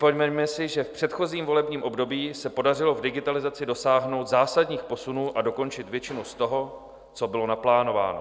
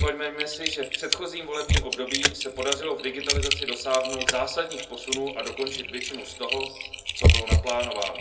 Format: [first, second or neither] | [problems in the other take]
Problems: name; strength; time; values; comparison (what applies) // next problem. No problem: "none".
first | background sound (Typing); 4 dB above the speech // room echo; dies away in 0.2 s